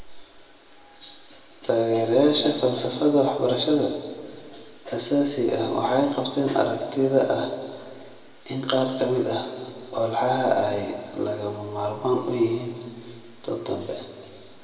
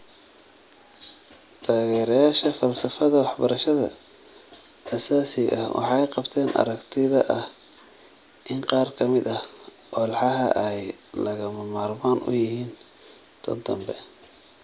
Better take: second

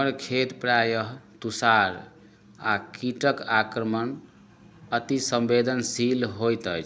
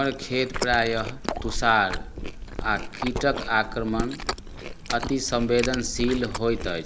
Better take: first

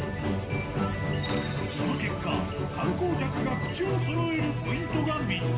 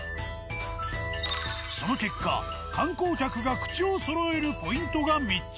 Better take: second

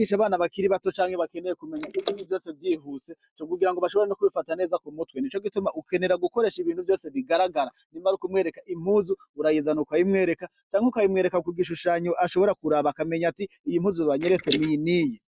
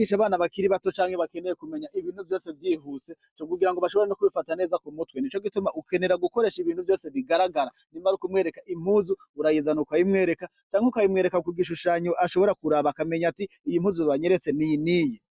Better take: second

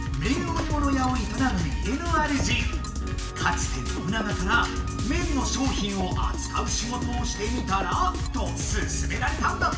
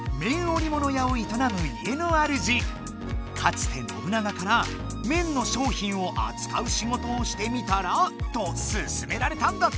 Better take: second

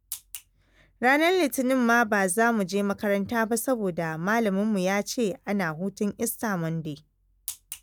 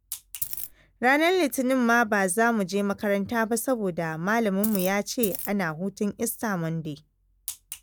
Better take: first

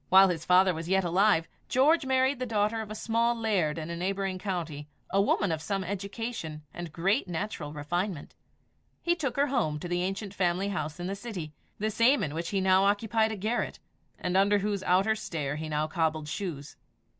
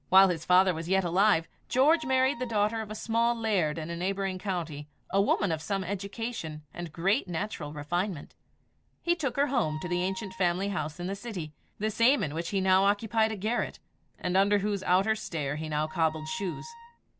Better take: first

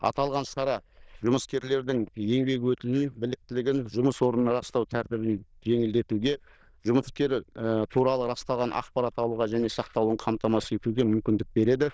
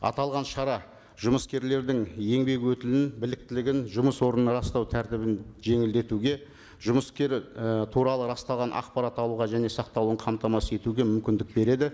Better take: second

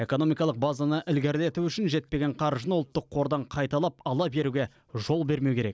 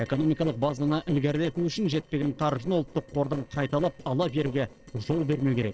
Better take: first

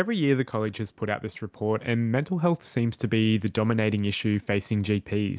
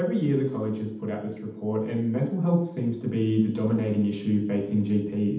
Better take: first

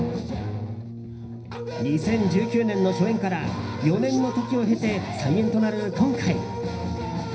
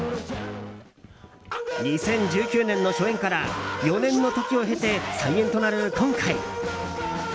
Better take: second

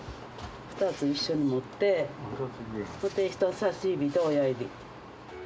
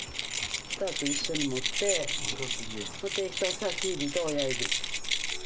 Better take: first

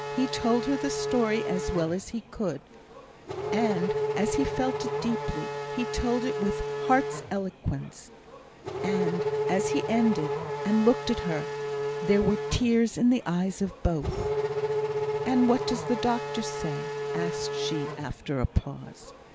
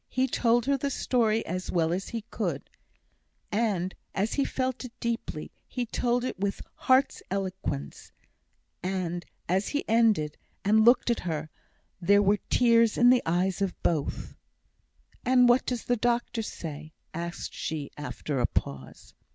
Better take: second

